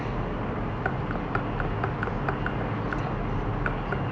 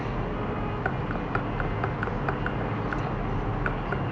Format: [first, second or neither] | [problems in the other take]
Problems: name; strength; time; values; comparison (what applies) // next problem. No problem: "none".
first | background sound (Wind instrument, woodwind instrument); 16 dB below the speech